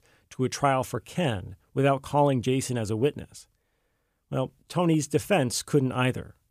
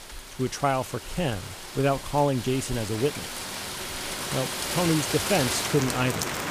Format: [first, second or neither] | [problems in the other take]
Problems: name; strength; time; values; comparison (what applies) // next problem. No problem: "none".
first | rain or running water; loud; throughout; 3 dB below the speech